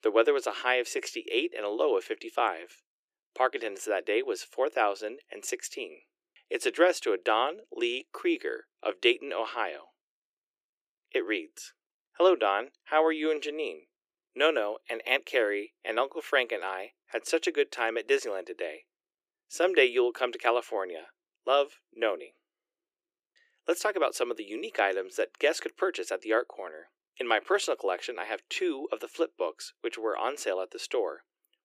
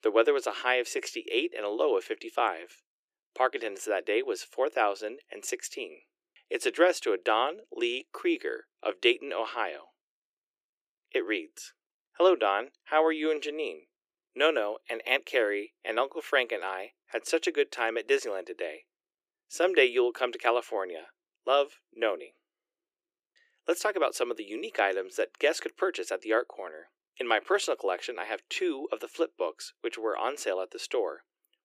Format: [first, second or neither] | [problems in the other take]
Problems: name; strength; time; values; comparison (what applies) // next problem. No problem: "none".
neither | thin; very; fading below 350 Hz; the same in both